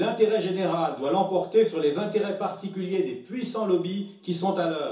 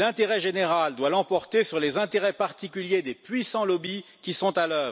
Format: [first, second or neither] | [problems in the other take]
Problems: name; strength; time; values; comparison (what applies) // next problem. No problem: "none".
second | room echo; dies away in 0.7 s